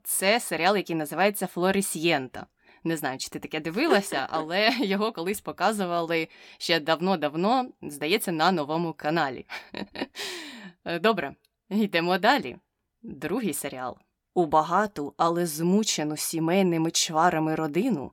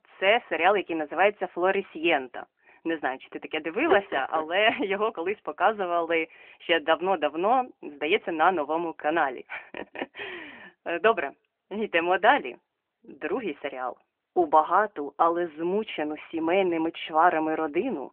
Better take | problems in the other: first | phone-call audio; nothing above 3 kHz

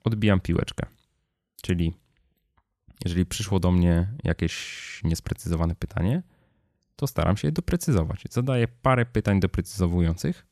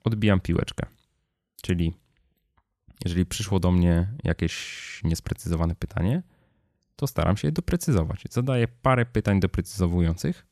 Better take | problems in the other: neither | none

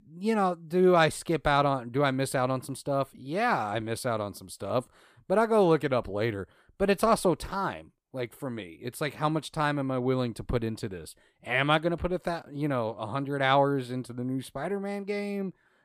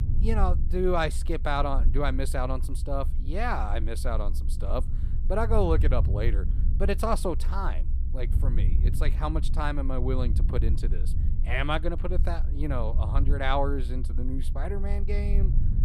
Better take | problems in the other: first | low rumble; noticeable; throughout; 15 dB below the speech

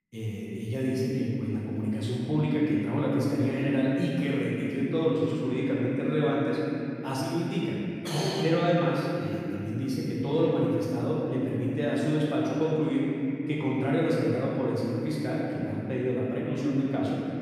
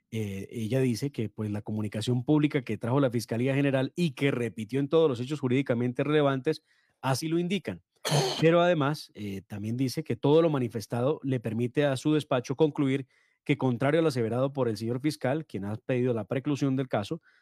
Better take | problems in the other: second | room echo; strong; dies away in 3 s // off-mic speech; far

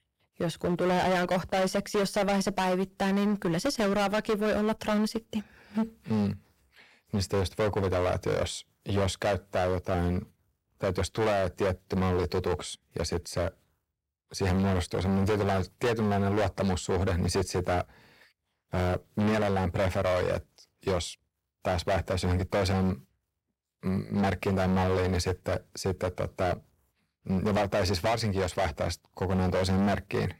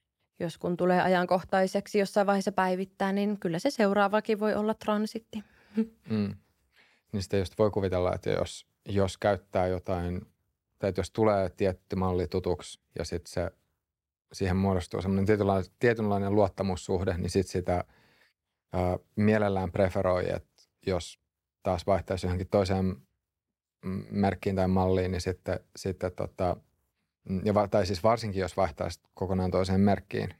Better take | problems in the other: second | distortion; heavy; 16% of the sound clipped

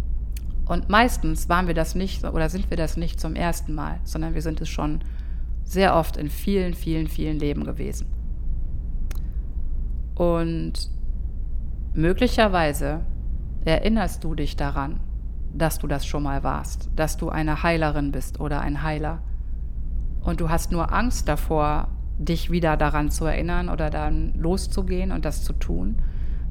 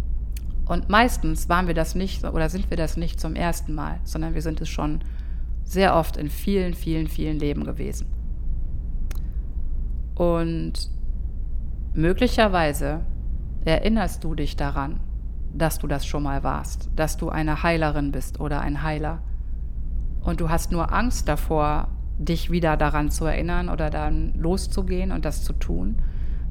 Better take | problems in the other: neither | low rumble; faint; throughout; 25 dB below the speech; the same in both

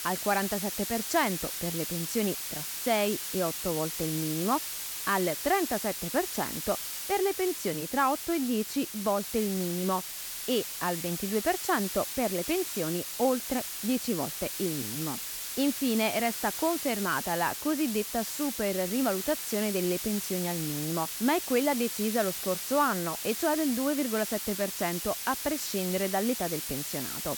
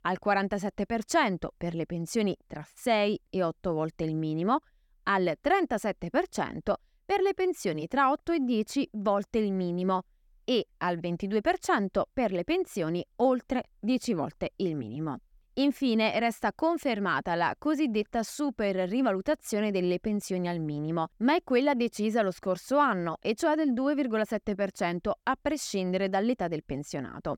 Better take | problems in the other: second | hiss; loud; throughout; 3 dB below the speech

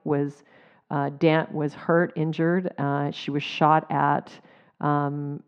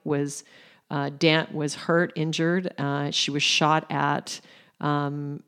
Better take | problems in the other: second | muffled; very; fading above 3.5 kHz

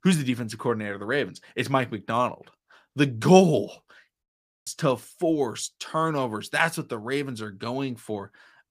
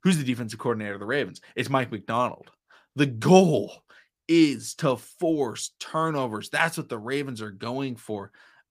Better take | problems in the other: second | audio cutting out; at 4 s

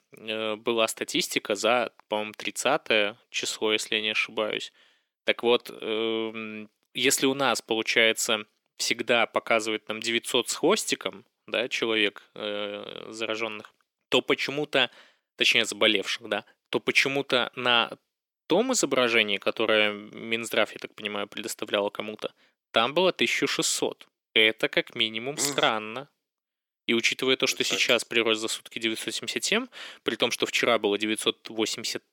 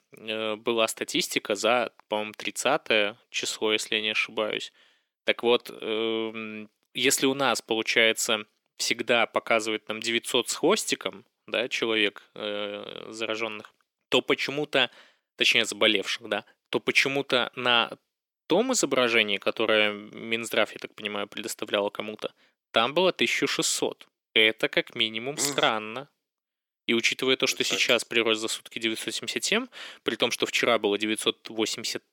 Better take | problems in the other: neither | thin; somewhat; fading below 250 Hz; the same in both

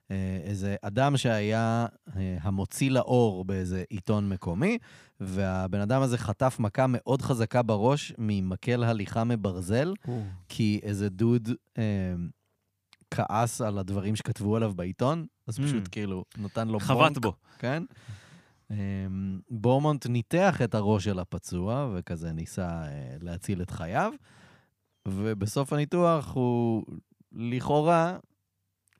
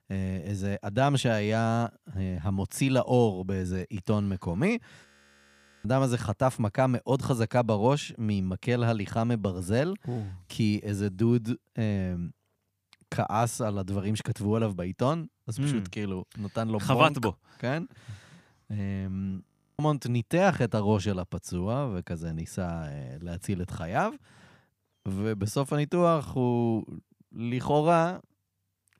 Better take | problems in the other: first | audio freezing; at 5 s for 1 s and at 19 s

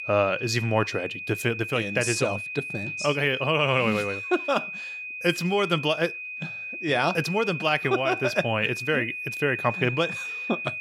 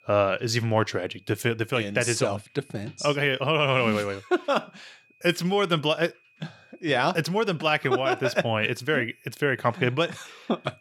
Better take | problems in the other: second | high-pitched whine; loud; throughout; 2.5 kHz, 6 dB below the speech; faint in the second

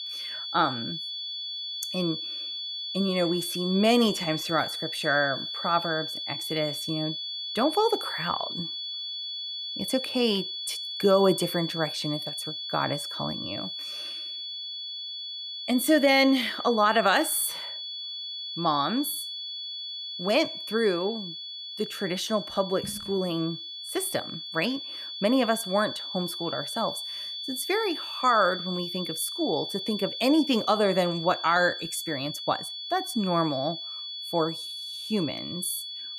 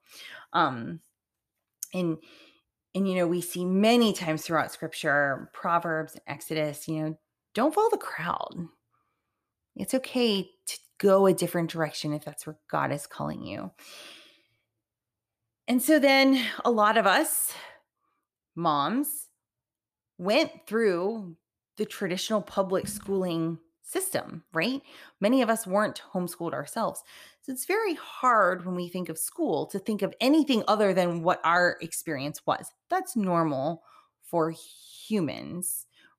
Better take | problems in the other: second | high-pitched whine; loud; throughout; 3.5 kHz, 6 dB below the speech

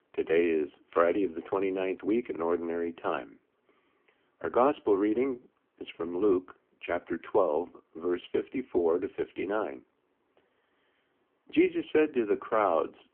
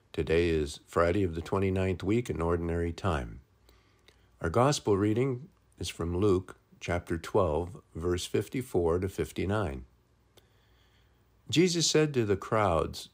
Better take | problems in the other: second | phone-call audio; poor line; nothing above 3 kHz

